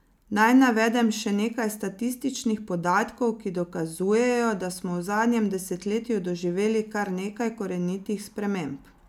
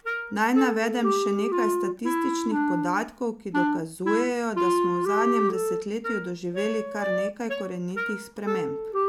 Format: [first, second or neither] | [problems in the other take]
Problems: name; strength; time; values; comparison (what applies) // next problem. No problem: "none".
first | background sound (Wind instrument, woodwind instrument); 1 dB above the speech